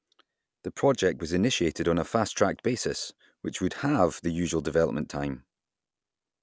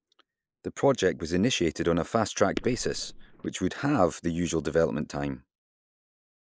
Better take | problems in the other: first | noise reduction (neural mask model Resemble Enhance denoiser)

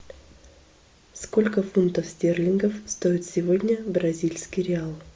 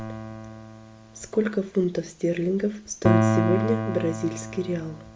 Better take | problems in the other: first | background sound (Piano); 1 dB below the speech

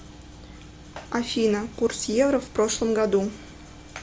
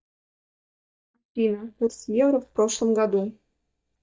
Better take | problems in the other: first | noise reduction (neural mask model DeepFilterNet 3)

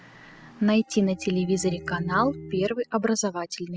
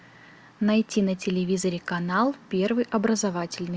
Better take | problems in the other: second | noise reduction (classical method spectral subtraction)

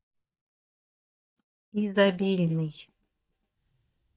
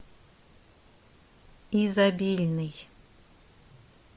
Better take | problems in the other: second | noise reduction (neural mask model DeepFilterNet 3)

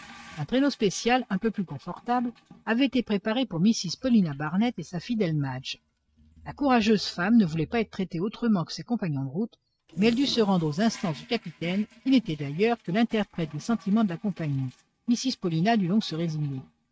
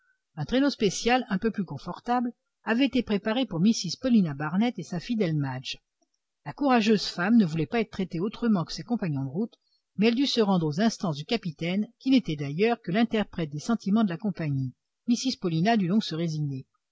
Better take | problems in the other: second | noise reduction (neural mask model RNNoise)

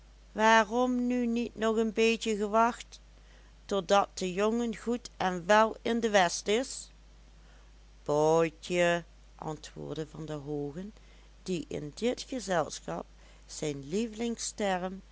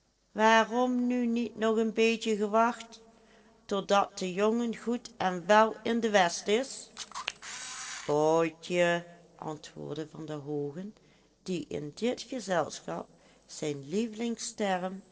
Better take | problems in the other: first | noise reduction (neural separator model SepFormer DNS4)

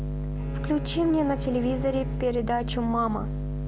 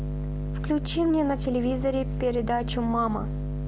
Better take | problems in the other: second | background sound (Bowed string instrument); 15 dB below the speech

